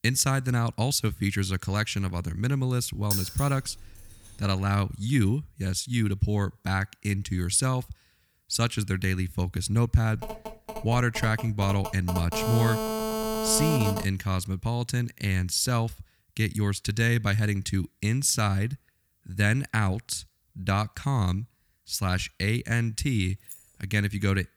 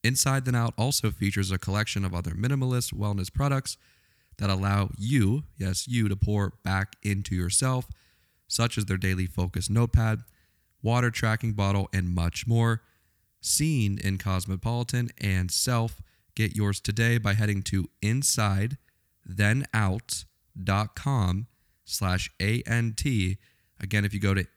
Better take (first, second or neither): second